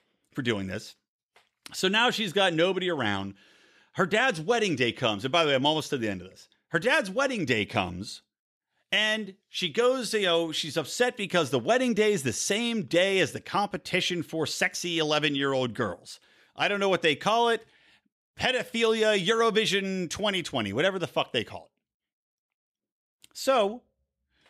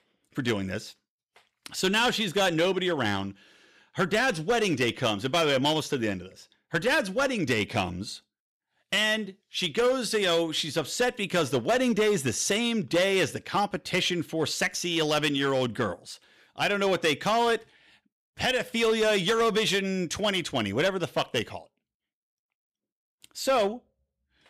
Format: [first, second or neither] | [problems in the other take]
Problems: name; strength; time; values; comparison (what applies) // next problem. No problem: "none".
first | distortion; slight; 6% of the sound clipped